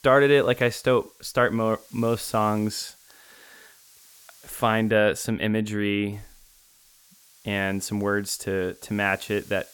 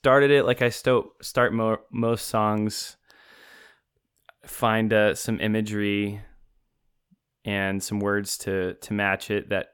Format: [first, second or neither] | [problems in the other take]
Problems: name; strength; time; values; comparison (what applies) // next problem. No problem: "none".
second | hiss; faint; until 5 s and from 6 s on; 25 dB below the speech